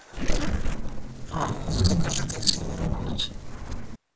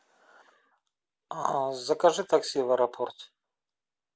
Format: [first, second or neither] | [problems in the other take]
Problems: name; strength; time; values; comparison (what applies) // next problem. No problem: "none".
second | noise reduction (neural separator model SepFormer DNS4)